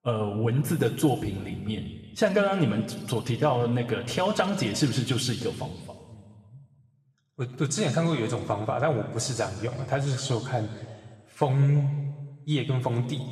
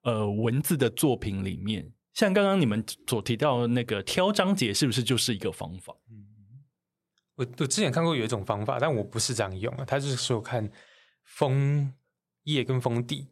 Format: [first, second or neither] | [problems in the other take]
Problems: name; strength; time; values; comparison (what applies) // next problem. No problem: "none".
second | room echo; slight; dies away in 1.6 s // off-mic speech; somewhat distant